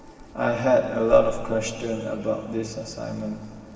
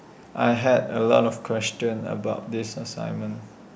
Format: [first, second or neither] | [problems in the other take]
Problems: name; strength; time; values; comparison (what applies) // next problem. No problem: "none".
second | background sound (Hands); 15 dB below the speech // room echo; dies away in 2.4 s